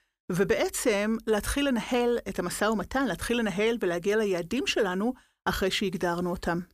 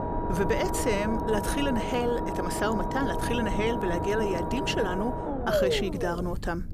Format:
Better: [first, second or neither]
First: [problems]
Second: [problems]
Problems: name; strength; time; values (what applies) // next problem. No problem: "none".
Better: first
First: none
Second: low rumble; loud; throughout; as loud as the speech